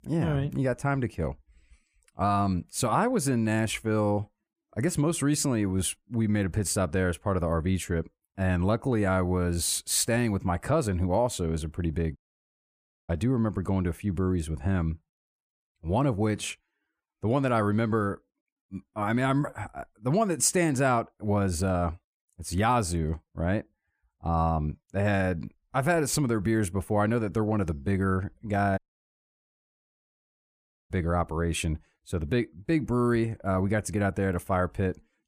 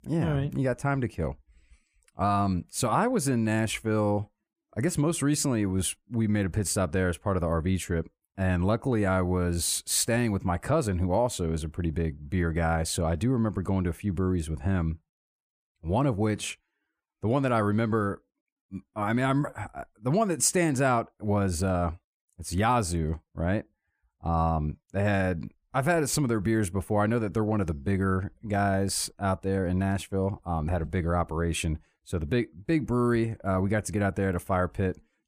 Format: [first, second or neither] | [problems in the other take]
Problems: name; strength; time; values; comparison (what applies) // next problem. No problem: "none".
second | audio cutting out; at 12 s for 1 s and at 29 s for 2 s